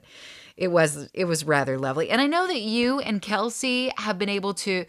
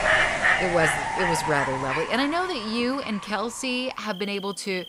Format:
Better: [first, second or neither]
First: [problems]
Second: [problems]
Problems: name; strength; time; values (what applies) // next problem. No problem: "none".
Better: first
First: none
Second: animal sounds; very loud; throughout; 3 dB above the speech